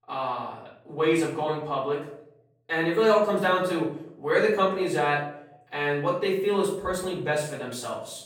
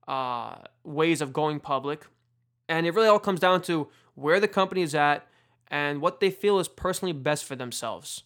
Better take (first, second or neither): second